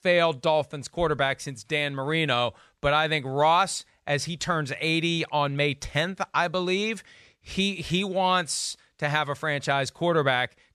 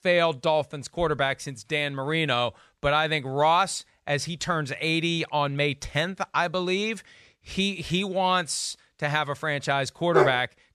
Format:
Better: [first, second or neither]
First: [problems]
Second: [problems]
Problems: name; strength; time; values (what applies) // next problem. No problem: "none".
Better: first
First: none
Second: dog barking; loud; at 10 s; peak 2 dB above the speech